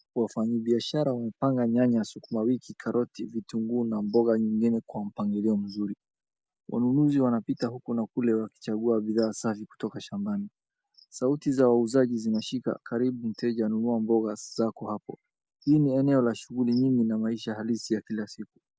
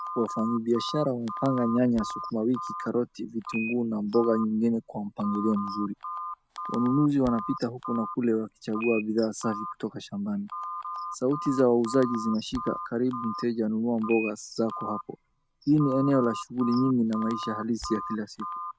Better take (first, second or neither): first